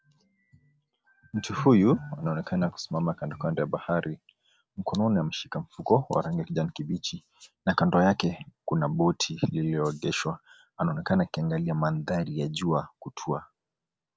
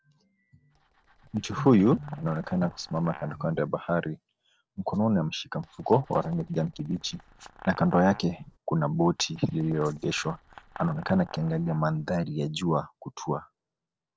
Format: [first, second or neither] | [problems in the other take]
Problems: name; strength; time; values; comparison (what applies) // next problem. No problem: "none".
first | noise reduction (neural separator model SepFormer DNS4)